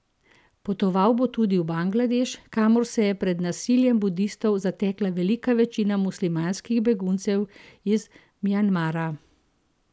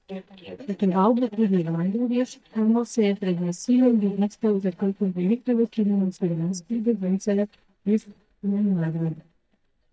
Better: first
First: none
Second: noise reduction (neural mask model DeepFilterNet 3)

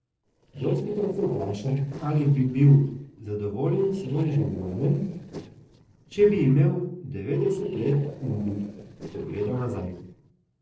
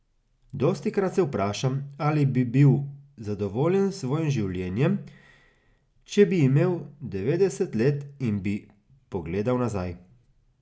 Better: second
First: noise reduction (neural separator model SepFormer DNS4)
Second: none

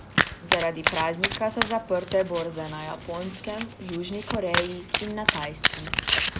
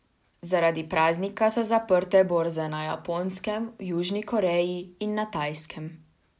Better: second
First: background sound (Domestic sounds, home sounds); 1 dB above the speech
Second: none

